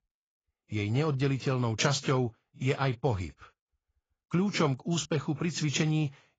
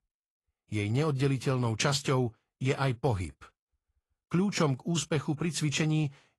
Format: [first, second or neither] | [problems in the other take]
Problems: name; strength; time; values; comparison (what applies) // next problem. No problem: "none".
second | garbled, watery; badly; nothing above 7.5 kHz; slightly in the second